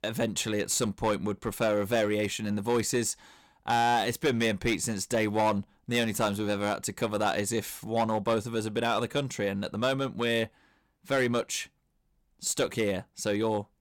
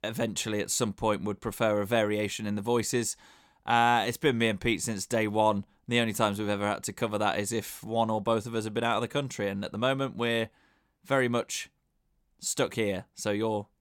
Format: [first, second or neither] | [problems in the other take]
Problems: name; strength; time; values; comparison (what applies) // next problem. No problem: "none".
second | distortion; slight; 5% of the sound clipped